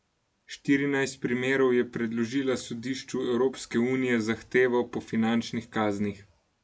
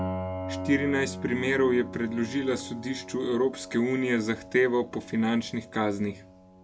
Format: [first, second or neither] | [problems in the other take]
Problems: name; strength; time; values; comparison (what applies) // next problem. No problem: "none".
first | background sound (Piano); 10 dB below the speech